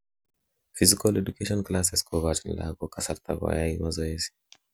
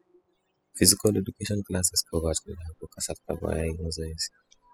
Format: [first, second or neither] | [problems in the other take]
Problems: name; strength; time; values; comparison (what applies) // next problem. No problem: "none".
first | noise reduction (classical method spectral subtraction)